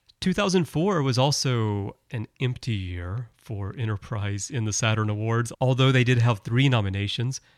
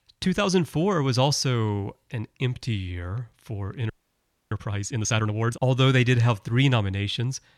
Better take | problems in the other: first | audio freezing; at 4 s for 0.5 s

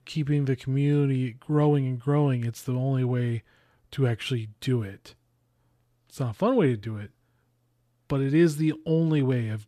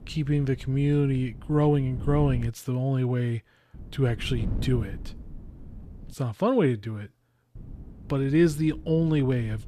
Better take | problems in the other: first | wind noise on the microphone; occasional gusts; until 2.5 s, from 3.5 to 6 s and from 7.5 s on; 20 dB below the speech

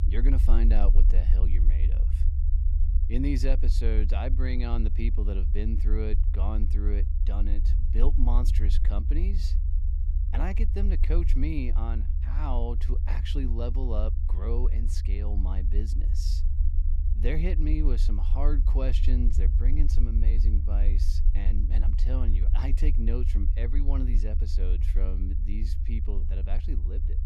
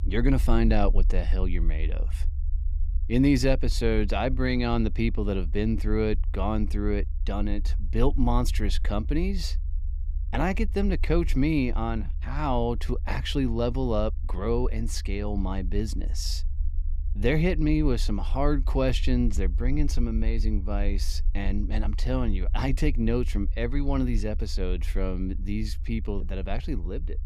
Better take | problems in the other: second | low rumble; loud; throughout; 8 dB below the speech; faint in the second

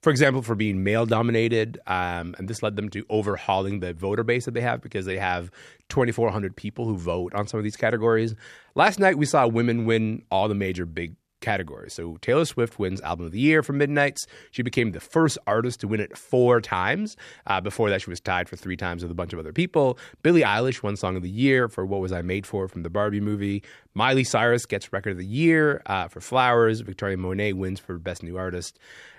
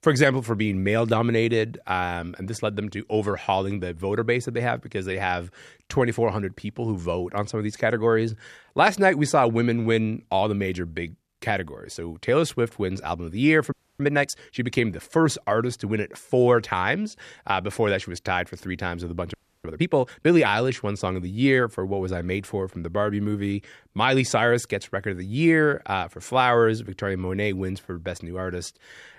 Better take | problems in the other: first | audio freezing; at 14 s and at 19 s

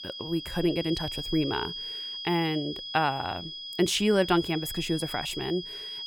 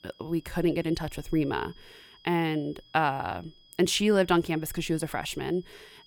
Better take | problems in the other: second | high-pitched whine; loud; throughout; 3.5 kHz, 7 dB below the speech; faint in the second

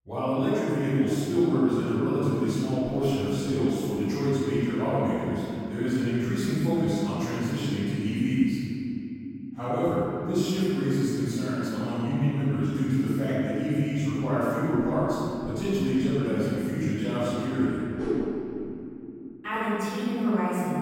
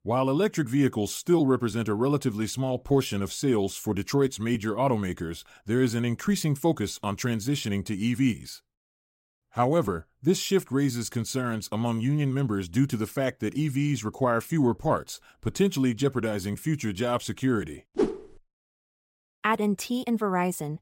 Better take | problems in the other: second | off-mic speech; far // room echo; strong; dies away in 3 s

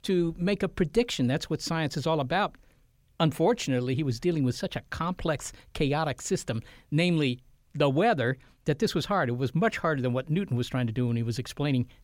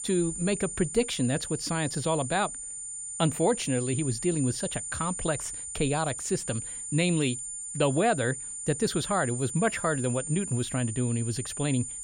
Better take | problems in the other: first | high-pitched whine; loud; throughout; 9 kHz, 5 dB below the speech

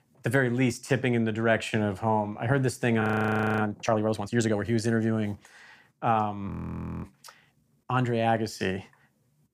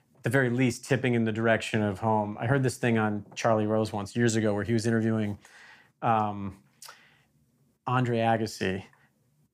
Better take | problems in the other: second | audio freezing; at 3 s for 0.5 s and at 6.5 s for 0.5 s

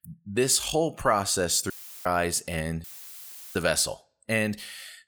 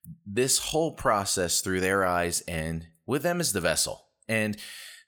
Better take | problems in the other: second | audio cutting out; filled with static; at 1.5 s and at 3 s for 0.5 s

